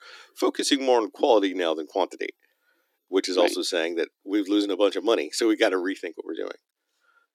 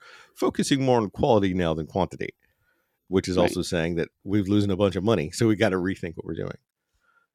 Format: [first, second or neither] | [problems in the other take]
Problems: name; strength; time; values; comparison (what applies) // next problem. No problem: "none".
second | thin; somewhat; fading below 300 Hz